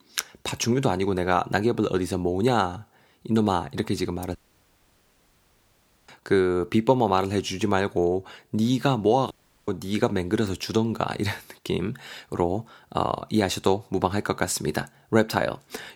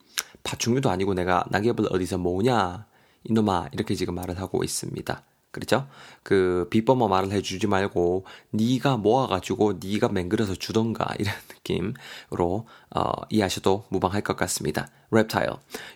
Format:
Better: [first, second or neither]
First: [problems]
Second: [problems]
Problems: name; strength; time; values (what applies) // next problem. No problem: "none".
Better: second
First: audio cutting out; at 4.5 s for 1.5 s and at 9.5 s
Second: none